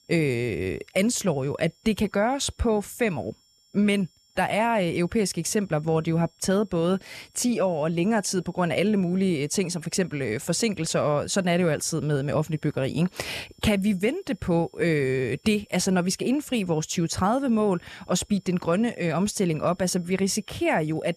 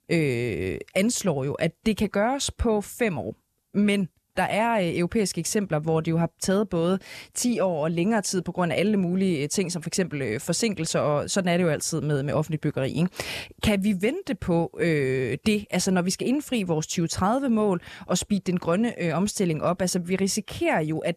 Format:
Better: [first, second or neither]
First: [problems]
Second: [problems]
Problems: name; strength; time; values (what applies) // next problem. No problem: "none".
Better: second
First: high-pitched whine; faint; throughout; 5.5 kHz, 35 dB below the speech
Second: none